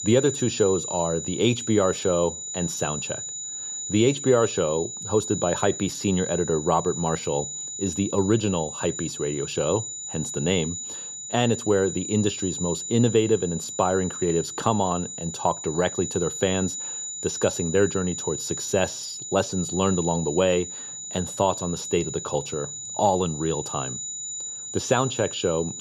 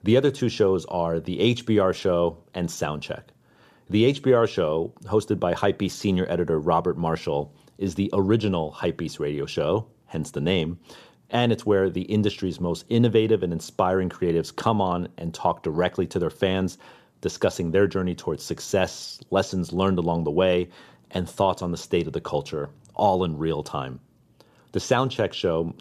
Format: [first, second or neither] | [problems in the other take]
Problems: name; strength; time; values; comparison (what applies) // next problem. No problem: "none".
second | high-pitched whine; loud; throughout; 7 kHz, 6 dB below the speech